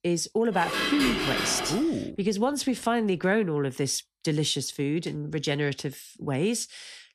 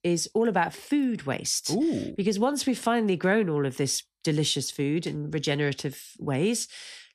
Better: second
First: clattering dishes; loud; from 0.5 to 2 s; peak 2 dB above the speech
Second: none

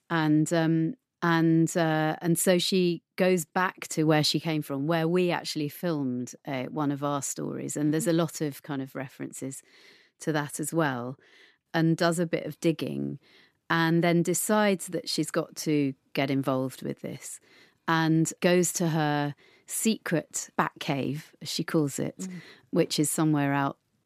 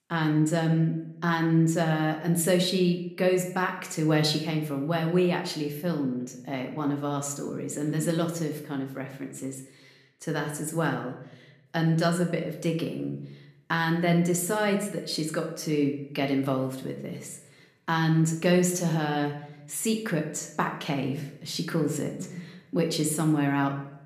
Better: first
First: none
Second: room echo; slight; dies away in 0.6 s

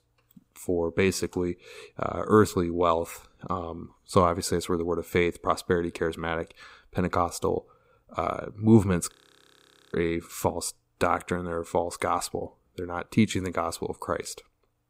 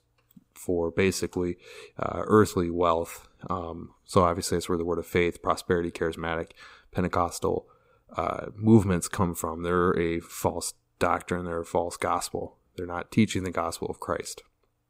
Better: second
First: audio freezing; at 9 s for 1 s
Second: none

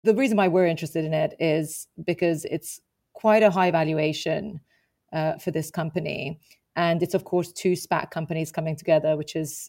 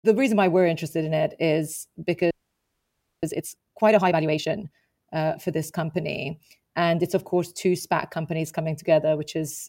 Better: first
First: none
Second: audio freezing; at 2.5 s for 1 s

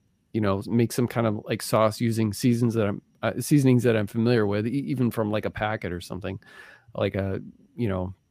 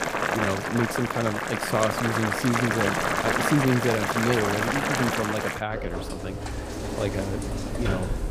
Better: first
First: none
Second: household noises; very loud; throughout; 1 dB above the speech

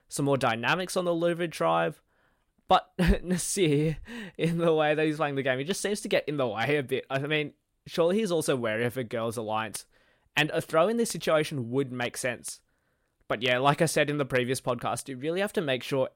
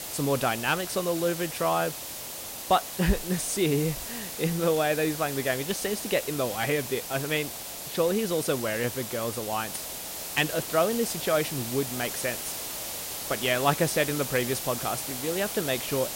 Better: first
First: none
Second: hiss; loud; throughout; 6 dB below the speech

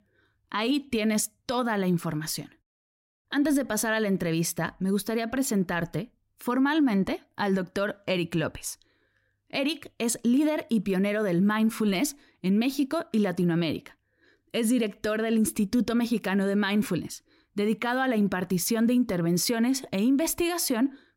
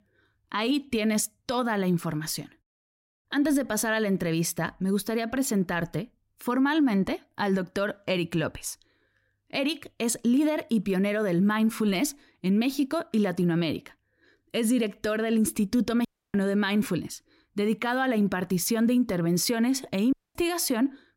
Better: first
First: none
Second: audio cutting out; at 16 s and at 20 s

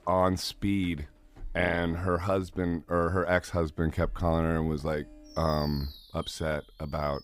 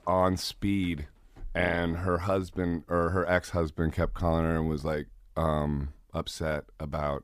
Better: second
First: background music; noticeable; throughout; 15 dB below the speech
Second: none

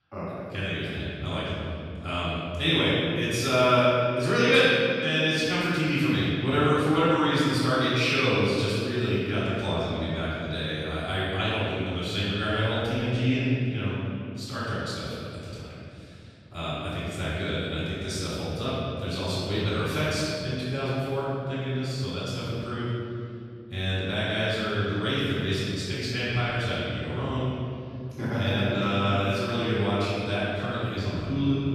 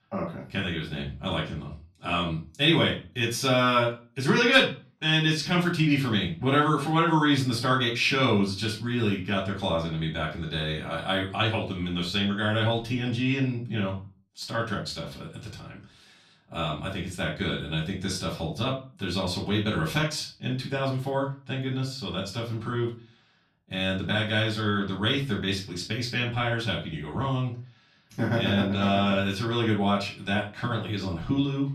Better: second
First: room echo; strong; dies away in 2.5 s // off-mic speech; far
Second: room echo; slight; dies away in 0.3 s // off-mic speech; far

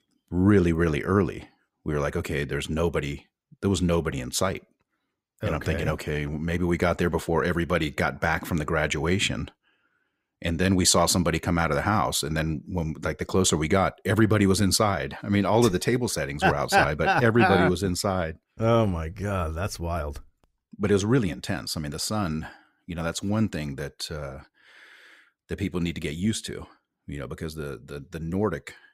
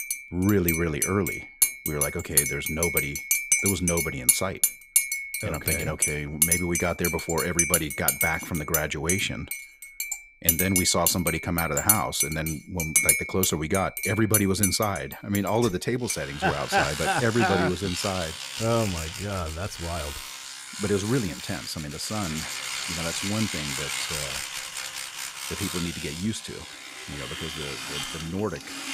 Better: first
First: none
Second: household noises; very loud; throughout; 1 dB above the speech

